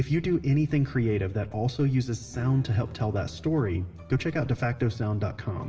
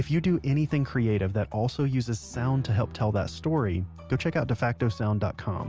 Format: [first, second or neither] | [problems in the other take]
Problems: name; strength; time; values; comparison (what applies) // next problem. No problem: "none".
second | room echo; dies away in 1.3 s